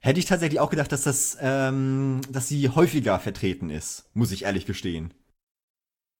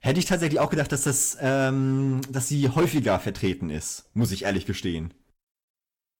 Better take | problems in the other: first | distortion; slight; 4% of the sound clipped

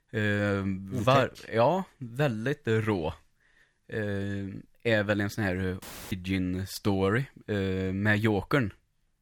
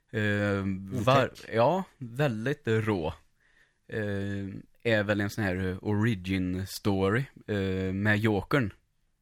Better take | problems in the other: second | audio cutting out; filled with static; at 6 s

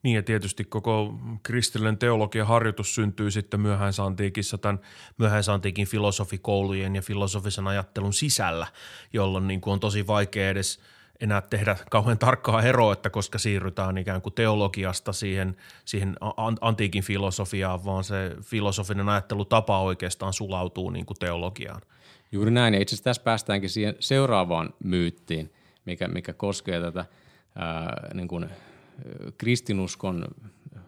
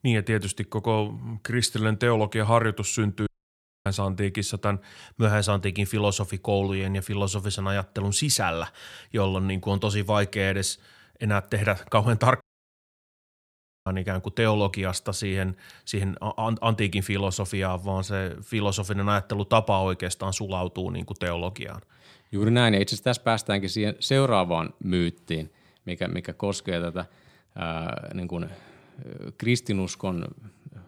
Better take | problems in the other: first | audio cutting out; at 3.5 s for 0.5 s and at 12 s for 1.5 s

